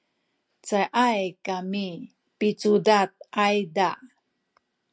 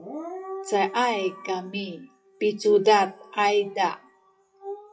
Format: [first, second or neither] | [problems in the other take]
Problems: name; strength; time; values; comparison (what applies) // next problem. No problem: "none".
first | noise reduction (classical method WPE with log-MMSE)